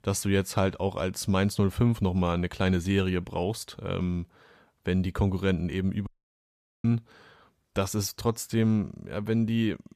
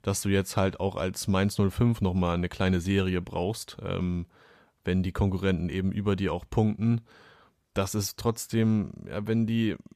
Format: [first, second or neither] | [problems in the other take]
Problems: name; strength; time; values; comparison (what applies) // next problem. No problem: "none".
second | audio cutting out; at 6 s for 1 s